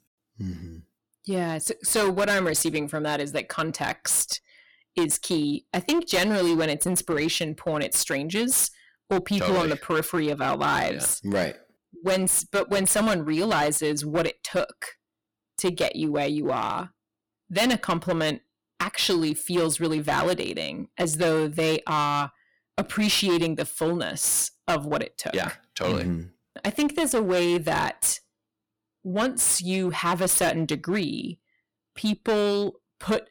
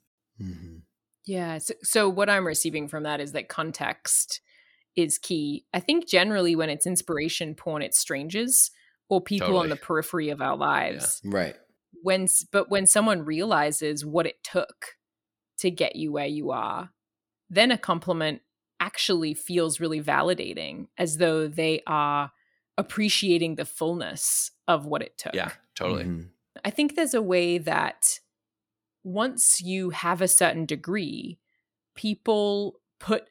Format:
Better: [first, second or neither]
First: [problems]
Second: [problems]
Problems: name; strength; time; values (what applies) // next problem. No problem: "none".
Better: second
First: distortion; heavy; 11% of the sound clipped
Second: none